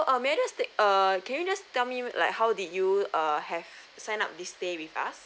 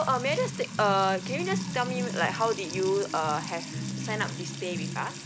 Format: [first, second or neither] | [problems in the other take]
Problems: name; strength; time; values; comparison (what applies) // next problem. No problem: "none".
first | background sound (Trickle, dribble / Water tap, faucet / Music); 5 dB below the speech